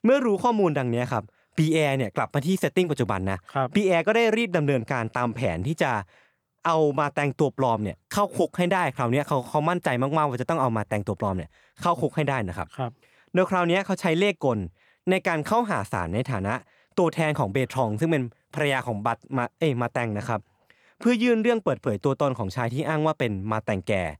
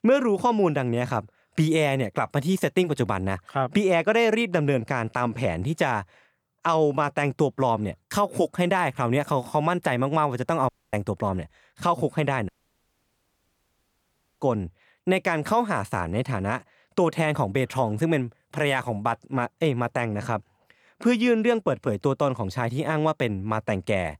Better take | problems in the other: first | audio cutting out; at 11 s and at 12 s for 2 s

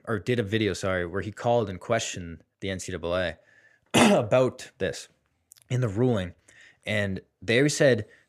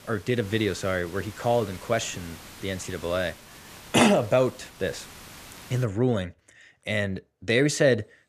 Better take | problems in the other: first | hiss; noticeable; until 6 s; 20 dB below the speech

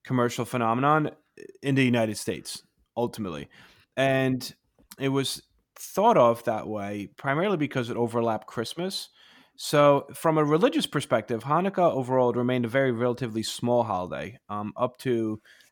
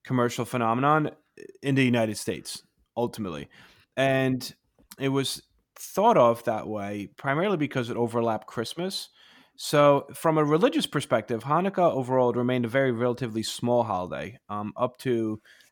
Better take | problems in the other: neither | none

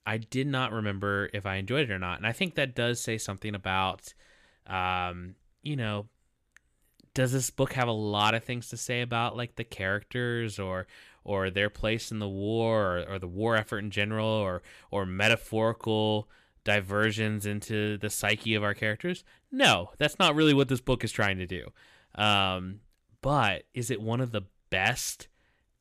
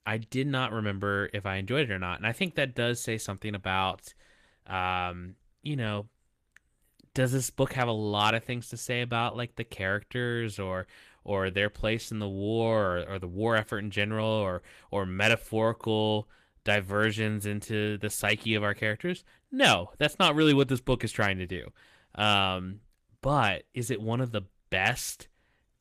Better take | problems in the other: first | garbled, watery; slightly; nothing above 14.5 kHz

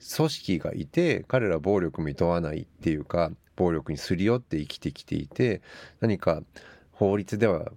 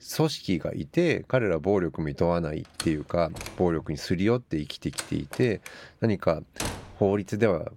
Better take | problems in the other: first | door banging; noticeable; from 3 to 7 s; peak 6 dB below the speech

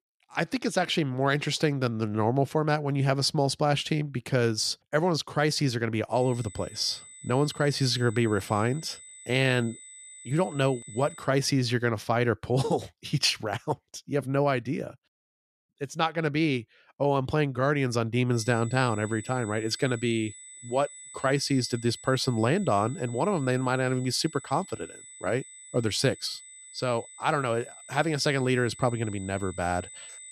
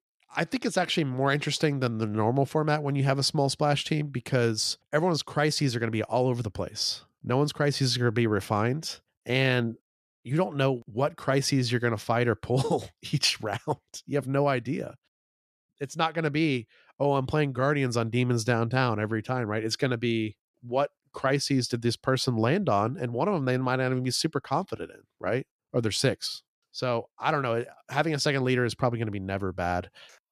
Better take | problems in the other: second | high-pitched whine; noticeable; from 6 to 11 s and from 18 s on; 8 kHz, 15 dB below the speech

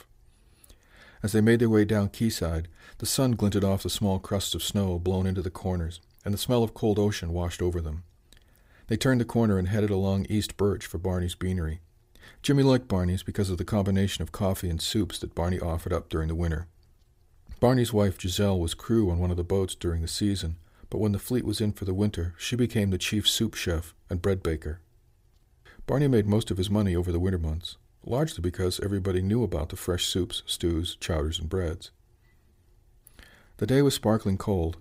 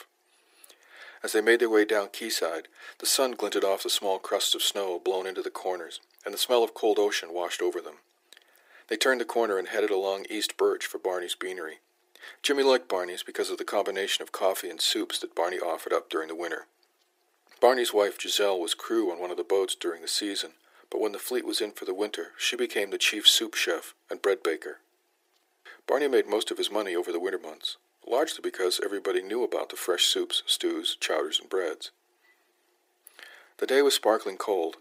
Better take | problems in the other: first | thin; very; fading below 350 Hz

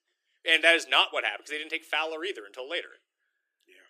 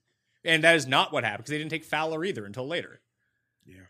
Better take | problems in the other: second | thin; very; fading below 350 Hz

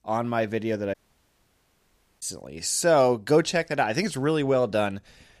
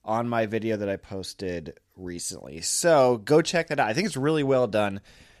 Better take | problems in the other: second | audio cutting out; at 1 s for 1.5 s

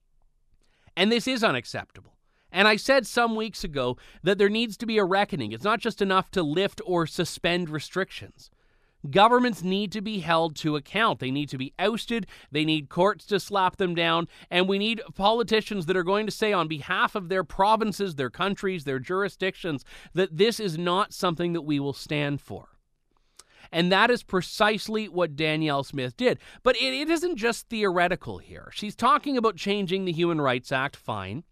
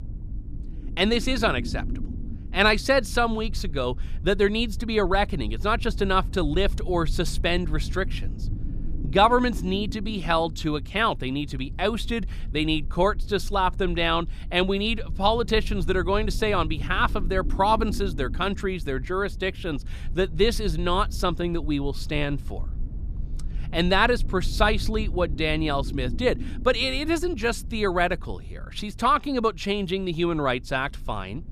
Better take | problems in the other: first | low rumble; faint; throughout; 25 dB below the speech

